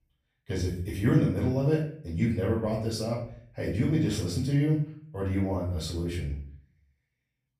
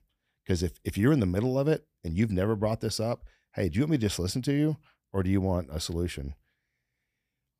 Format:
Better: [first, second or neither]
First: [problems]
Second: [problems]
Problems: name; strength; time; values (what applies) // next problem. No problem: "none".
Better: second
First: off-mic speech; far // room echo; noticeable; dies away in 0.5 s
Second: none